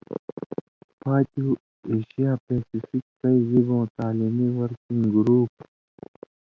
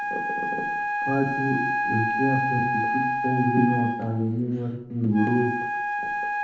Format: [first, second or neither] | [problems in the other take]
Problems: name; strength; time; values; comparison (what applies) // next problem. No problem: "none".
first | background sound (Wind instrument, woodwind instrument); as loud as the speech // room echo; dies away in 0.7 s